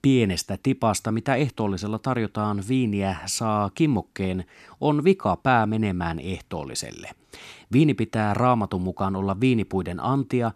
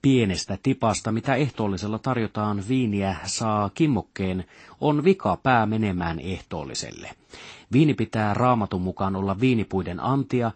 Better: first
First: none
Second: garbled, watery; slightly; nothing above 8 kHz

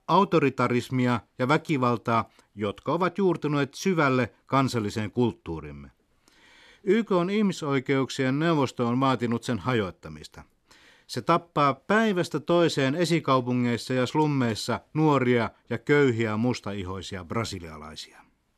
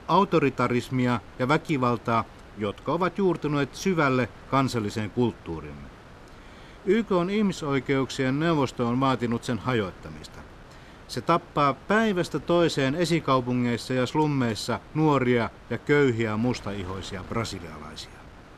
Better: first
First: none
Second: wind noise on the microphone; occasional gusts; 20 dB below the speech

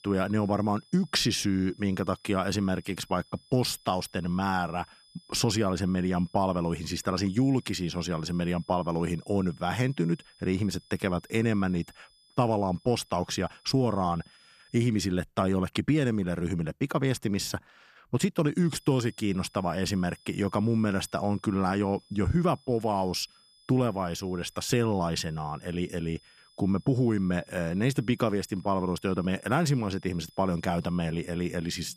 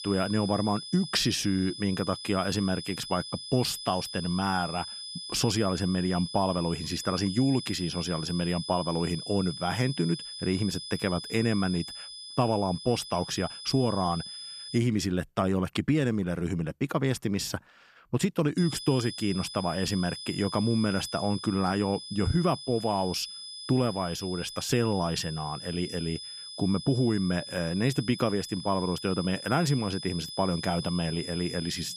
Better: first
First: high-pitched whine; faint; until 15 s and from 19 s on; 5 kHz, 30 dB below the speech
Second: high-pitched whine; loud; until 15 s and from 19 s on; 5 kHz, 9 dB below the speech

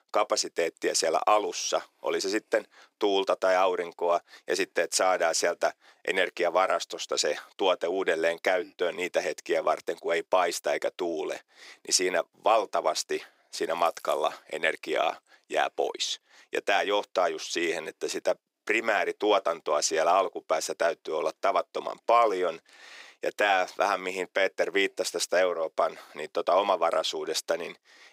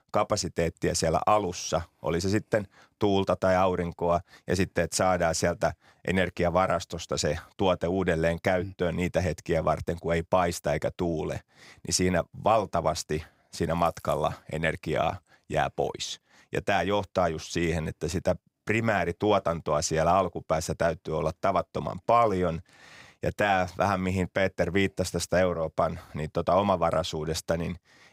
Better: second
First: thin; very; fading below 350 Hz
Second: none

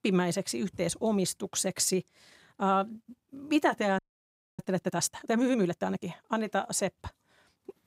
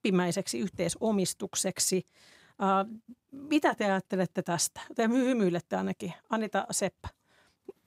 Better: second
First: audio freezing; at 4 s for 0.5 s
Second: none

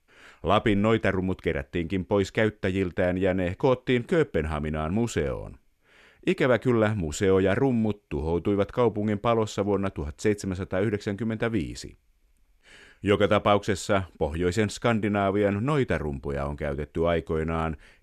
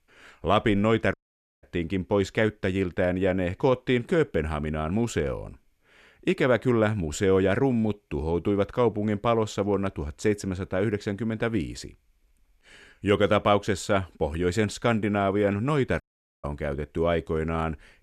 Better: first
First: none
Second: audio cutting out; at 1 s and at 16 s

